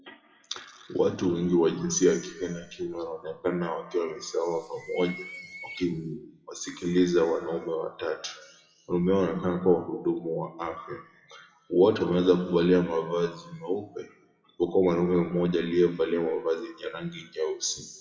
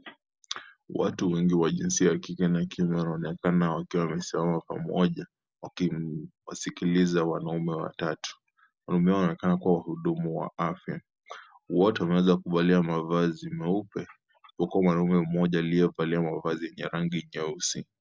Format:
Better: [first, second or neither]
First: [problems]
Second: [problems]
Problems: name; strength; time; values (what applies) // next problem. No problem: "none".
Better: second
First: noise reduction (classical method WPE with log-MMSE)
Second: none